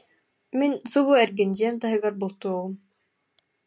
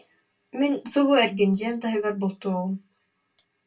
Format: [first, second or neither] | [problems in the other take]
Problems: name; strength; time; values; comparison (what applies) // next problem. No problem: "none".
first | room echo; dies away in 0.1 s